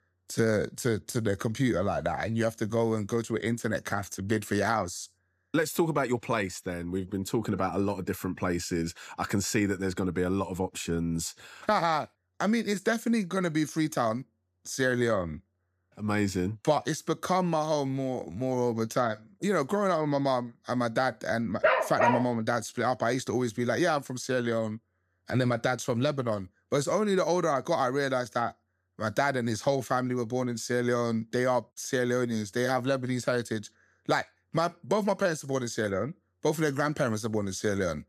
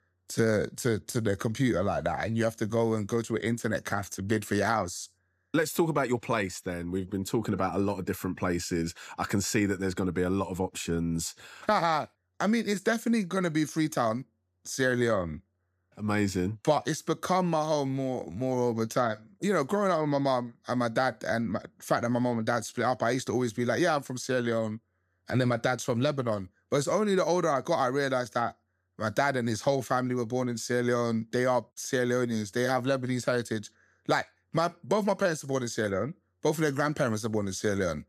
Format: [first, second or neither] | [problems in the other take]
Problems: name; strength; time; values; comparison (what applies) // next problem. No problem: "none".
second | dog barking; loud; at 22 s; peak 4 dB above the speech